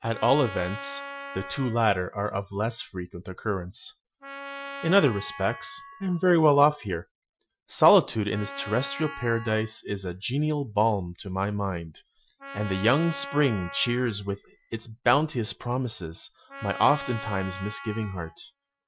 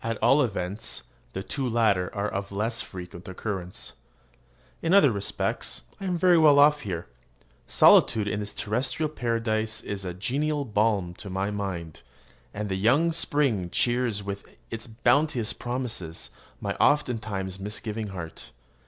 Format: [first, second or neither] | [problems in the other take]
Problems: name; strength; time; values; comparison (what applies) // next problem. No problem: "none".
second | noise reduction (classical method Wiener filter)